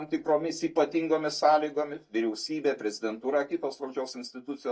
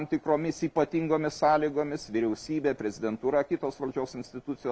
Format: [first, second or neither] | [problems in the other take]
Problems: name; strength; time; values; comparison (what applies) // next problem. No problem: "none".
second | noise reduction (neural mask model DeepFilterNet 3)